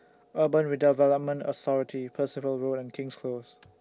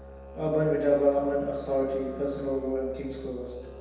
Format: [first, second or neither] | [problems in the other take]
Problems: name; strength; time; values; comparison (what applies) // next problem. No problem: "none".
first | background sound (Musical instrument); 16 dB below the speech // room echo; dies away in 1.2 s